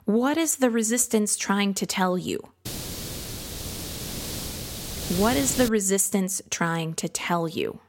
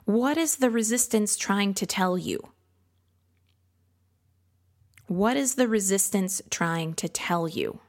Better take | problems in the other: second | hiss; loud; from 2.5 to 5.5 s; 8 dB below the speech

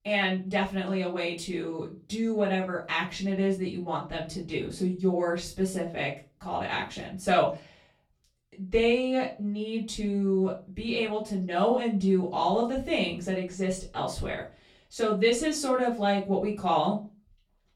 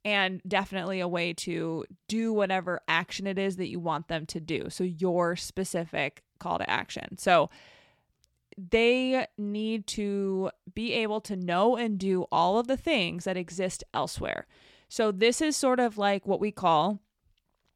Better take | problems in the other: second | room echo; slight; dies away in 0.3 s // off-mic speech; far

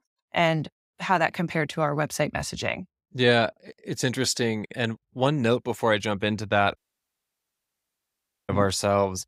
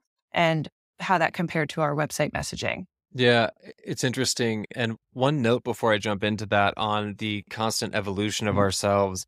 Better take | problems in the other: second | audio cutting out; at 7 s for 1.5 s

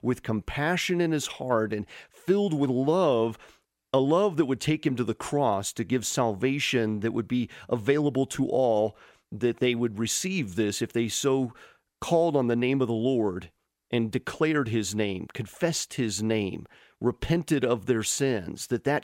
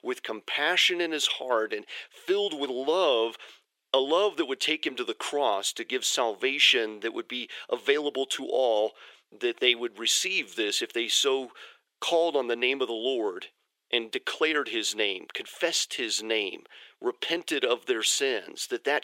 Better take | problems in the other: first | thin; somewhat; fading below 400 Hz

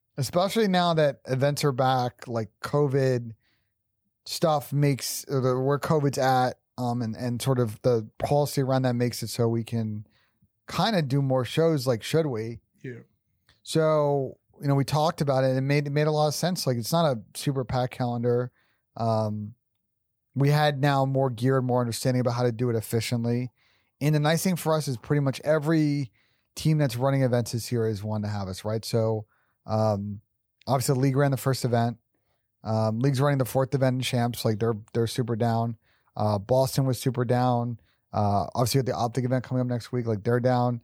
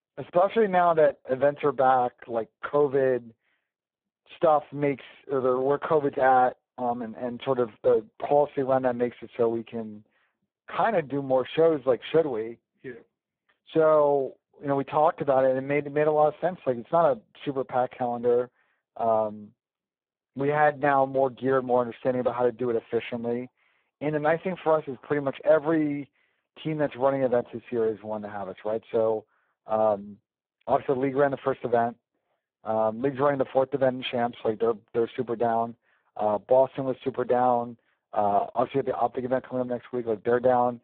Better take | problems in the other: first | phone-call audio; poor line

